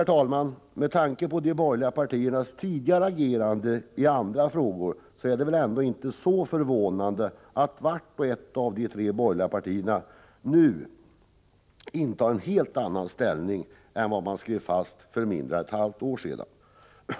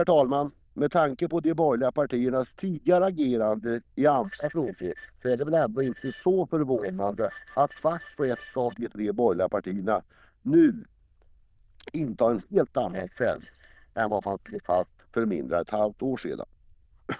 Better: first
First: none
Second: noise reduction (neural diffusion model UNIVERSE++)

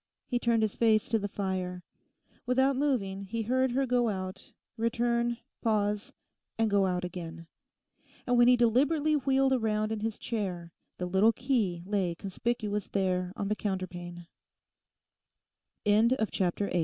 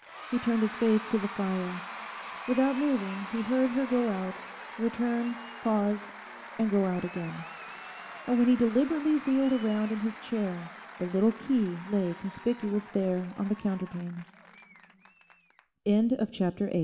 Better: first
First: none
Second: background sound (Applause / Crowd / Cheering); 14 dB below the speech // room echo; dies away in 1.4 s

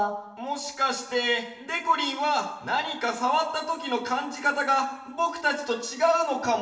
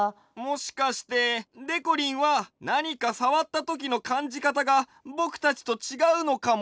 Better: second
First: room echo; dies away in 0.9 s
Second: none

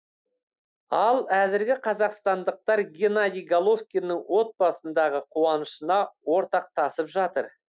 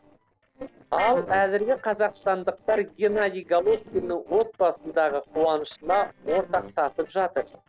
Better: first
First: none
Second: noise reduction (neural separator model SepFormer DNS4)

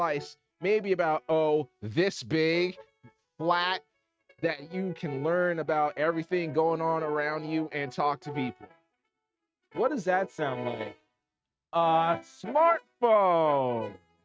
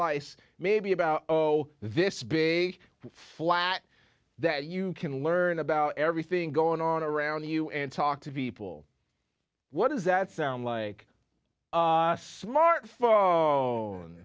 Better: second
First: noise reduction (neural mask model RNNoise)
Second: none

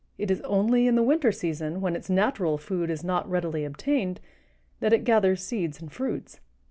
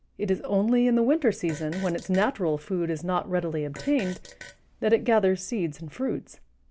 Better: first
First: none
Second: background sound (Fart); 20 dB below the speech

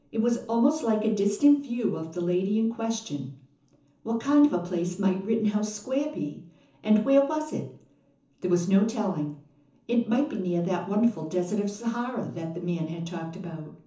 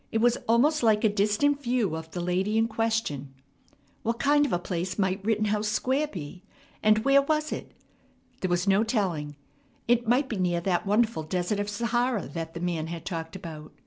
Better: second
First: room echo; dies away in 0.7 s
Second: none

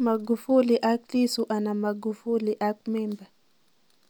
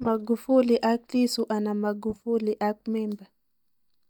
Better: first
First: none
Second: noise reduction (neural mask model DeepFilterNet 3)

